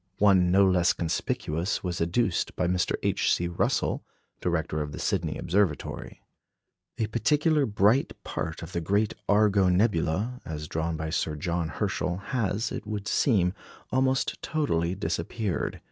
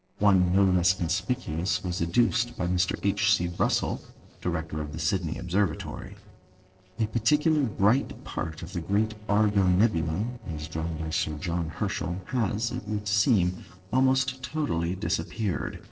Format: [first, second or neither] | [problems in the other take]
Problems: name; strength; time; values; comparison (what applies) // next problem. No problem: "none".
first | noise reduction (neural separator model SepFormer DNS4)